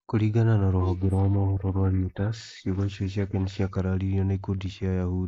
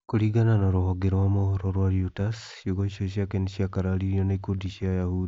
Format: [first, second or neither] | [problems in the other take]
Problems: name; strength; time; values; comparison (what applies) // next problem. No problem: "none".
second | noise reduction (neural mask model Resemble Enhance denoiser)